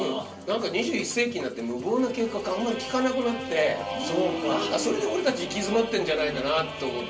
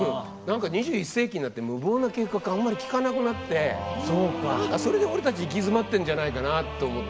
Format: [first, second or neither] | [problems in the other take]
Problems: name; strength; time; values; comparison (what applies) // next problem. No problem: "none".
second | background sound (Musical instrument); 19 dB below the speech // room echo; dies away in 0.3 s